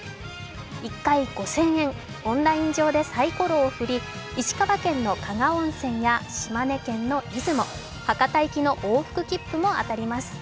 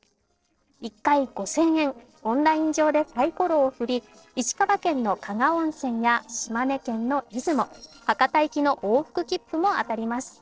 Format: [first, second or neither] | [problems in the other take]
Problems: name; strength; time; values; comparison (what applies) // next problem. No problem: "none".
first | noise reduction (neural separator model SepFormer DNS4)